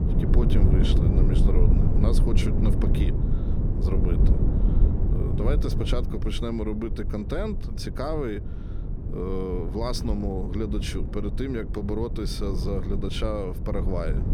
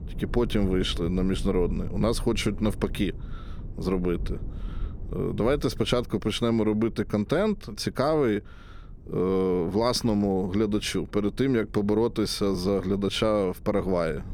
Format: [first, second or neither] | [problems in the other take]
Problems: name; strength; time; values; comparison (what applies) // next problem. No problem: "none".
second | low rumble; loud; throughout; 4 dB below the speech; faint in the second